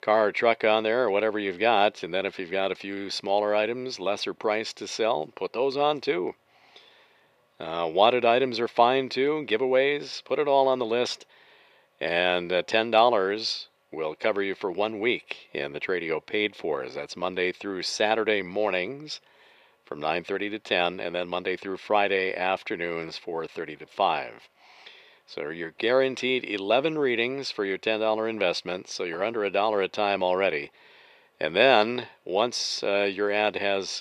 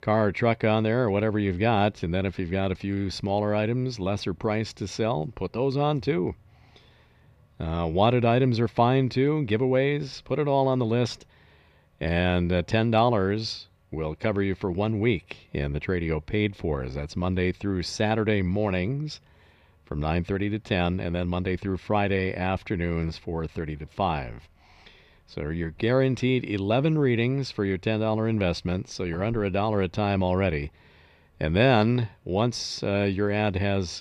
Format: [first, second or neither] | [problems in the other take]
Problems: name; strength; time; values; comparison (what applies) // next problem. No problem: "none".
second | thin; somewhat; fading below 500 Hz